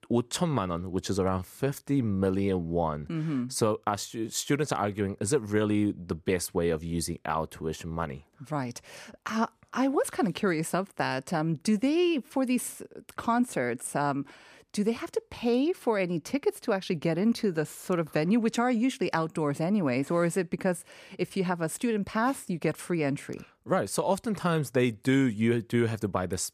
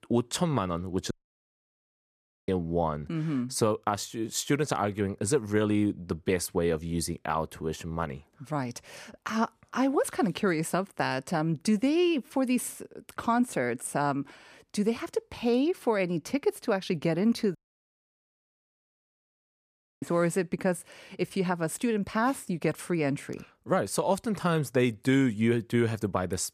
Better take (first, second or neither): first